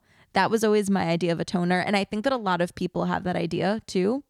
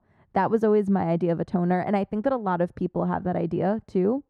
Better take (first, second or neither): first